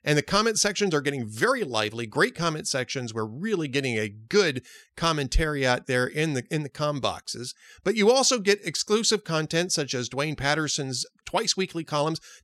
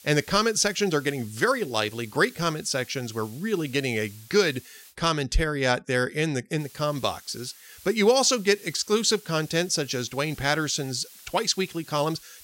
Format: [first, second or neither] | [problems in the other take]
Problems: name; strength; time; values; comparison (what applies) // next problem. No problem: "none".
first | hiss; faint; until 5 s and from 6.5 s on; 20 dB below the speech